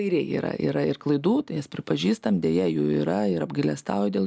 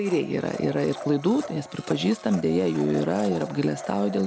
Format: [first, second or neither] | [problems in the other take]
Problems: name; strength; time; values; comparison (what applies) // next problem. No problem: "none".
first | background sound (Domestic sounds, home sounds); 14 dB below the speech